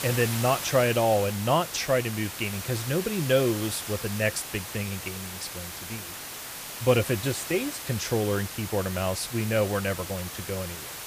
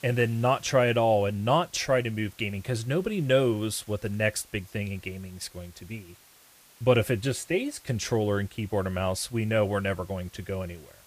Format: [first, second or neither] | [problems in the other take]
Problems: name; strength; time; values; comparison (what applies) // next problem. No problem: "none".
second | hiss; loud; throughout; 8 dB below the speech; faint in the second